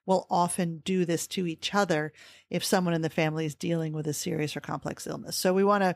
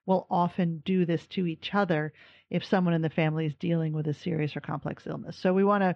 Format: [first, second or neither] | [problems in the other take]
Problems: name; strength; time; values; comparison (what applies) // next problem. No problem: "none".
first | muffled; very; fading above 3.5 kHz